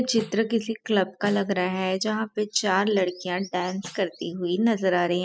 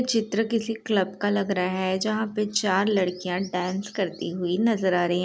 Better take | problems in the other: second | noise reduction (classical method spectral subtraction)

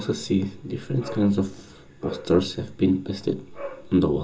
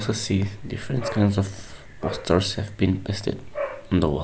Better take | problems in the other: second | room echo; dies away in 0.2 s

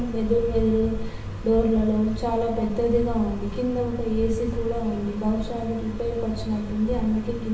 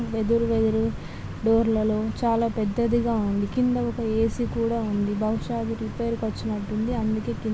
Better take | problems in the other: second | room echo; dies away in 1 s

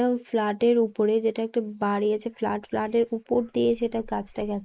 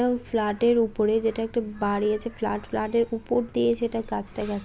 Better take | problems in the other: second | noise reduction (neural mask model Resemble Enhance denoiser)

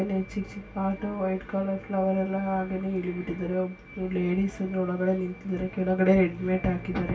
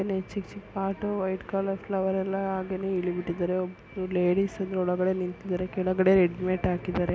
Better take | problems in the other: second | room echo; dies away in 0.2 s

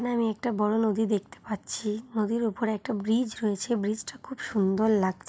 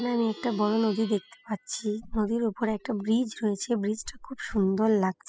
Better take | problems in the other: first | noise reduction (classical method spectral subtraction)

